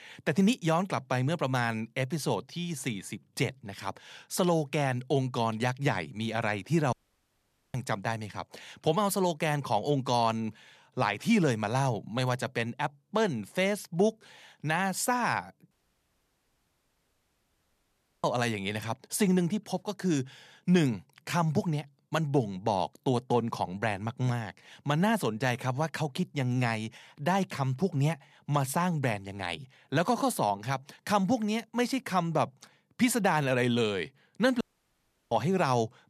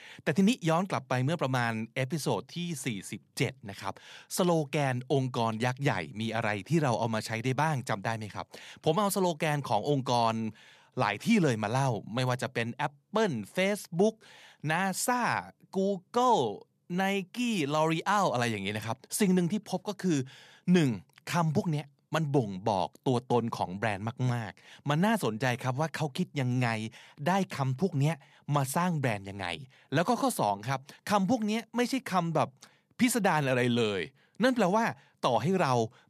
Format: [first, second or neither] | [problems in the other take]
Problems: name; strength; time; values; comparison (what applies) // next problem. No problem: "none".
second | audio cutting out; at 7 s for 1 s, at 16 s for 2.5 s and at 35 s for 0.5 s